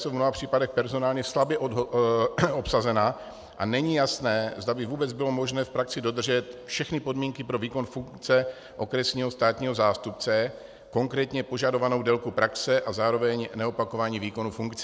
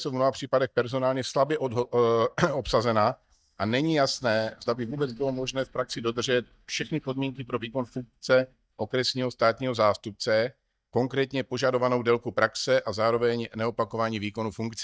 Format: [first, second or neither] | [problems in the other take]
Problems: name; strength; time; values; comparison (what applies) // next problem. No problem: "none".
first | noise reduction (neural mask model DeepFilterNet 3)